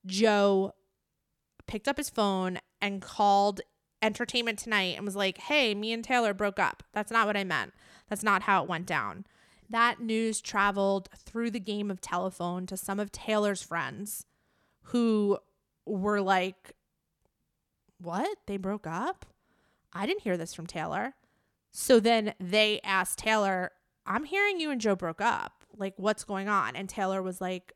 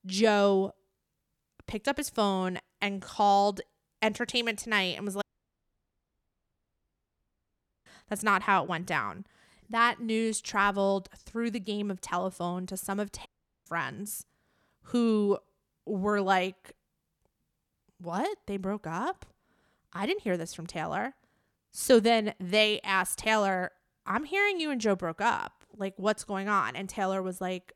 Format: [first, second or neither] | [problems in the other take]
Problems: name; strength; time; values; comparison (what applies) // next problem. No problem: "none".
first | audio cutting out; at 5 s for 2.5 s and at 13 s